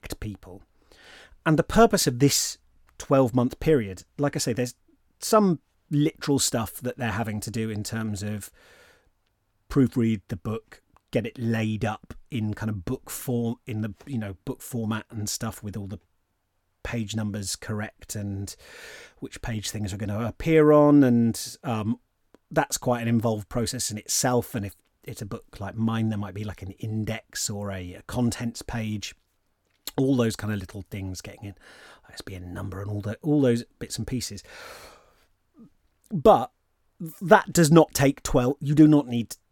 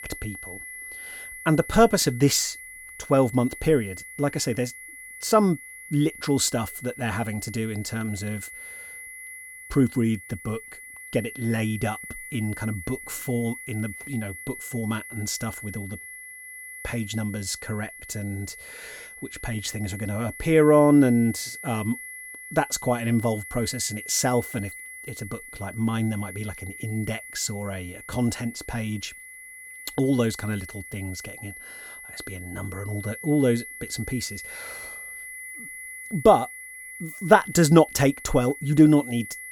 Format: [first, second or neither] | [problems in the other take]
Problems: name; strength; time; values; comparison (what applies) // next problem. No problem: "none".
first | high-pitched whine; noticeable; throughout; 2 kHz, 15 dB below the speech